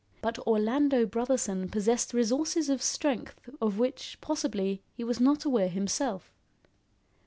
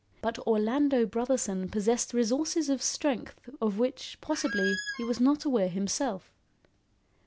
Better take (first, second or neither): first